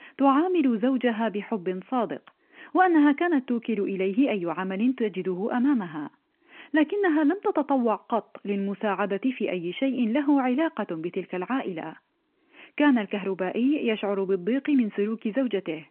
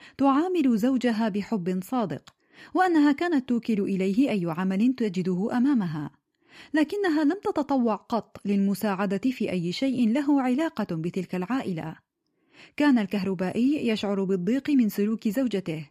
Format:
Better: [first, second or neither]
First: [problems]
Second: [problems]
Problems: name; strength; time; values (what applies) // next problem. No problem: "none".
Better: second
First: phone-call audio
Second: none